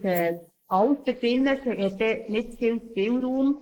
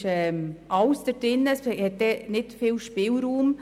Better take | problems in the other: second | noise reduction (neural mask model Resemble Enhance denoiser)

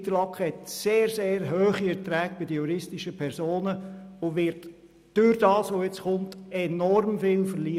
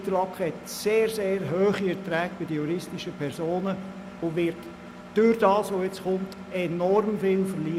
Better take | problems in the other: first | background sound (Engine); 16 dB below the speech

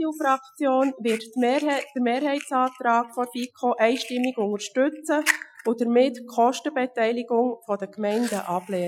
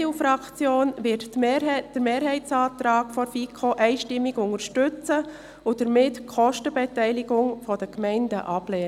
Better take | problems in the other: second | noise reduction (classical method Wiener filter)

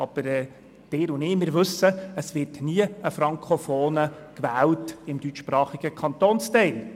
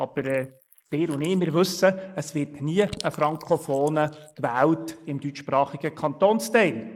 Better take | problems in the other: first | noise reduction (neural mask model Resemble Enhance denoiser)

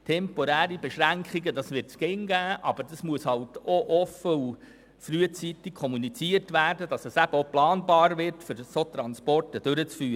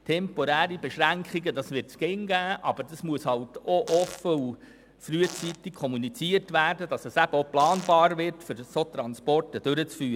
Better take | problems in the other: first | background sound (Fart); 16 dB below the speech

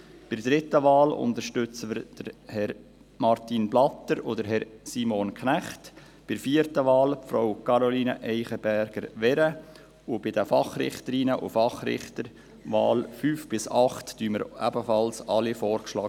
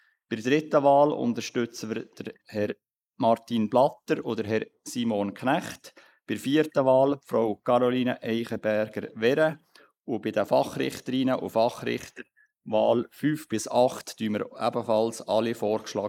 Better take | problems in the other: first | noise reduction (neural mask model Resemble Enhance denoiser)

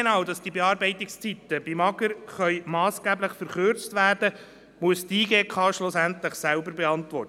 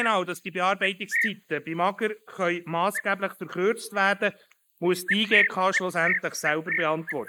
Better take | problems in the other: first | noise reduction (neural mask model Resemble Enhance denoiser)

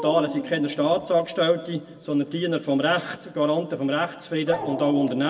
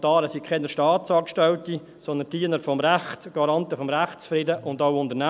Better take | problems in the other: second | background sound (Dog); 13 dB below the speech // room echo; dies away in 1.1 s

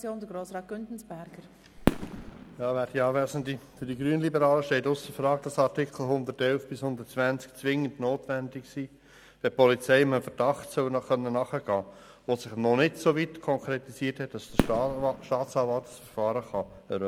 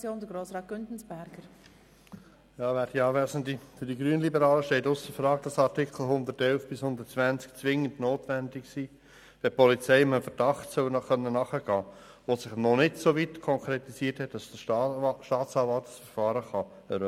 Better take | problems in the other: second | background sound (Fireworks); 6 dB below the speech

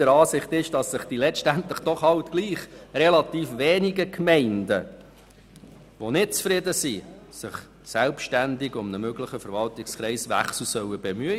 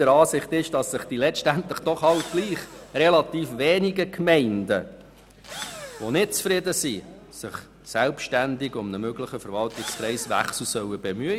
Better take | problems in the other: first | background sound (Engine / Drill); 16 dB below the speech

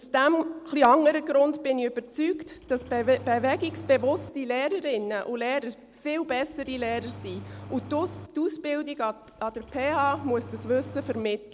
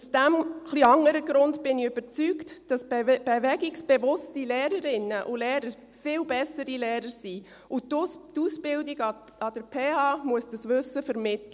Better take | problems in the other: second | background sound (Engine starting); 17 dB below the speech

